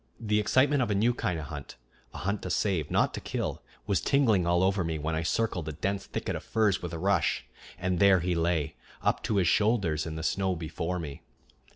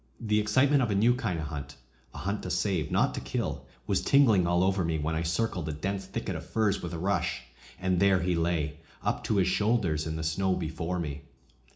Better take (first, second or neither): first